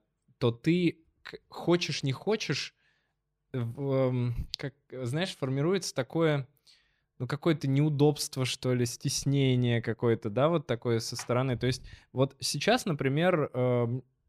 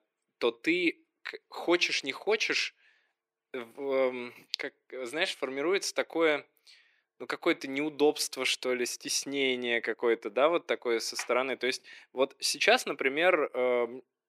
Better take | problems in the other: first | thin; somewhat; fading below 300 Hz

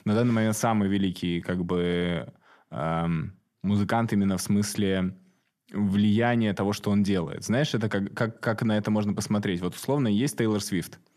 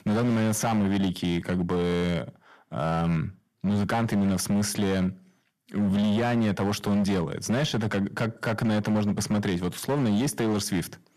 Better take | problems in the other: first | distortion; slight; 17% of the sound clipped

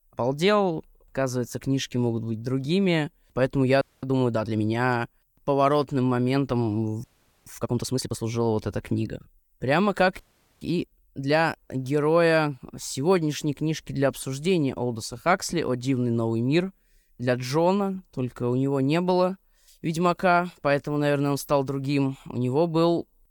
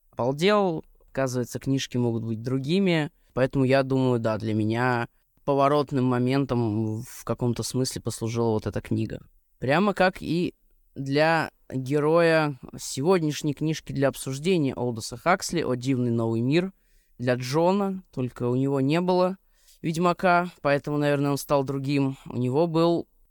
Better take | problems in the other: second | audio freezing; at 4 s, at 7 s and at 10 s

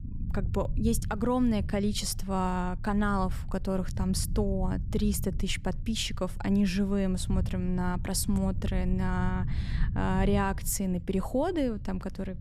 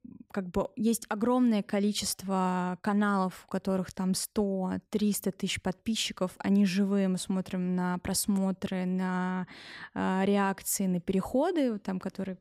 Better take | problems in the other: second | low rumble; noticeable; throughout; 15 dB below the speech

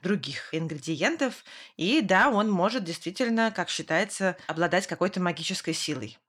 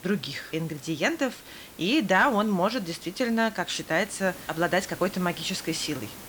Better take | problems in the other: first | hiss; noticeable; throughout; 15 dB below the speech

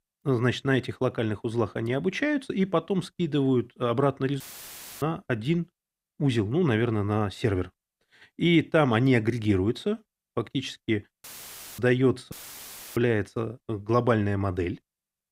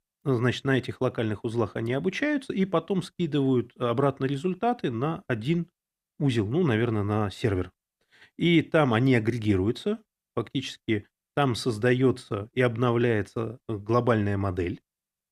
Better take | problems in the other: second | audio cutting out; filled with static; at 4.5 s for 0.5 s, at 11 s for 0.5 s and at 12 s for 0.5 s

